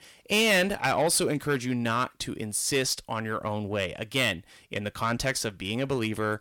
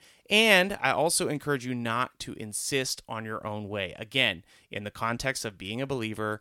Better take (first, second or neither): second